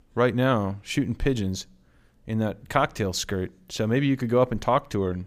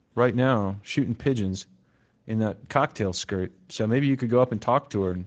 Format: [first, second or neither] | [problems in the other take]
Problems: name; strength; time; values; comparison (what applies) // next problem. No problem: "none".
first | garbled, watery; slightly; nothing above 7.5 kHz